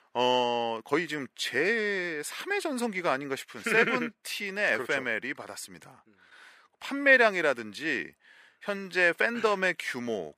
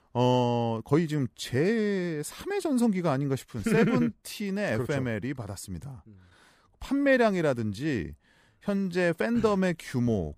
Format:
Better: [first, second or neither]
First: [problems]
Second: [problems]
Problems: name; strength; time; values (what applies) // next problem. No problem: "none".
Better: second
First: thin; somewhat; fading below 400 Hz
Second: none